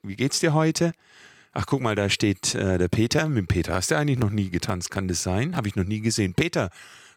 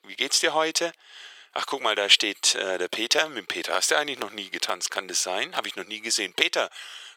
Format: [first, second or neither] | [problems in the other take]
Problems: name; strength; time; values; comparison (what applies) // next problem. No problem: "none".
first | thin; very; fading below 500 Hz